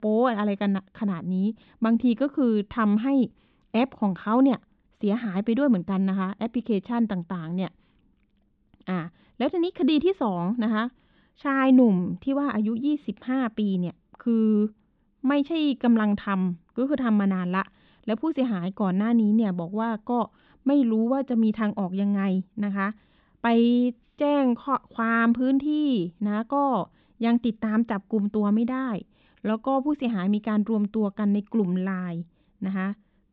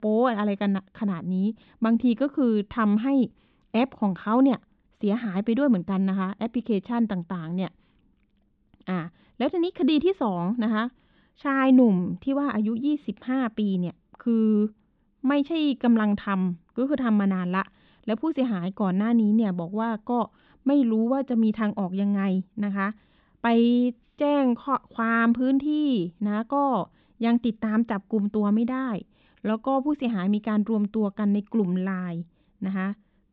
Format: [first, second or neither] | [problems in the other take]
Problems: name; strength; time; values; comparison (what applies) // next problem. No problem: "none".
neither | muffled; slightly; fading above 3.5 kHz; the same in both